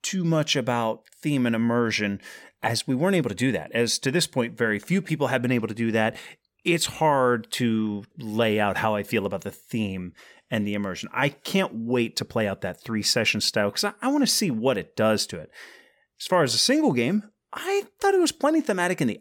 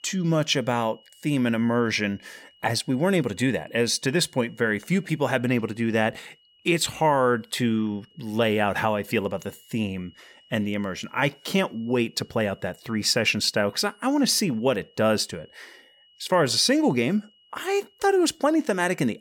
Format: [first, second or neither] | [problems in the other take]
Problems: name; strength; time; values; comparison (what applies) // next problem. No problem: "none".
first | high-pitched whine; faint; throughout; 3 kHz, 30 dB below the speech